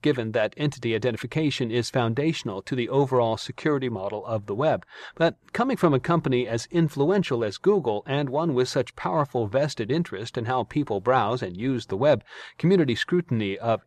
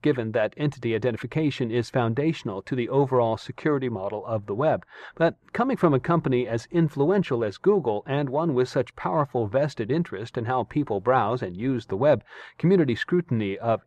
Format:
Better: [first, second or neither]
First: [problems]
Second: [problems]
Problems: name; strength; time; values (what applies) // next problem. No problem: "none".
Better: first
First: none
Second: muffled; slightly; fading above 3 kHz